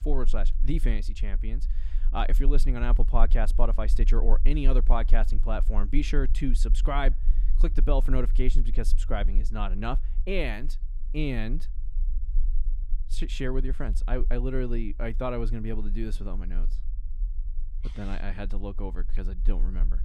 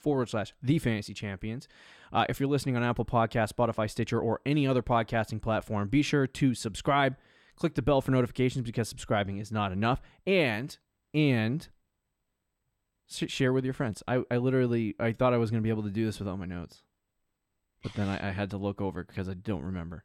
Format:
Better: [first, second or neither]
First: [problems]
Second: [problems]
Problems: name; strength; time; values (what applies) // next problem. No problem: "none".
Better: second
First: low rumble; faint; throughout; 20 dB below the speech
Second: none